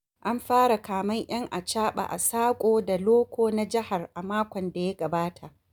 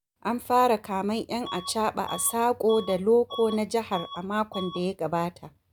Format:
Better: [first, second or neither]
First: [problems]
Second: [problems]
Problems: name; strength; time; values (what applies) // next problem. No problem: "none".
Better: first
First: none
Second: background sound (Bus / Alarm); 15 dB below the speech